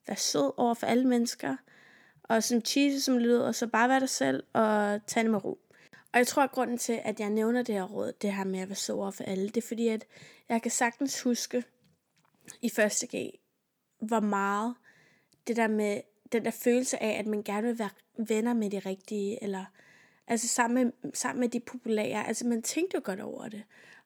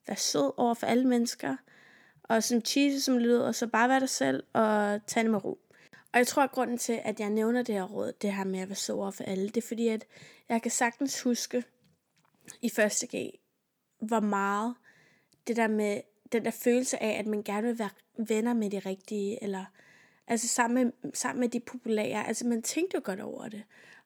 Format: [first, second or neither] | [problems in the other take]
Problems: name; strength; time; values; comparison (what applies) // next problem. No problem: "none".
neither | none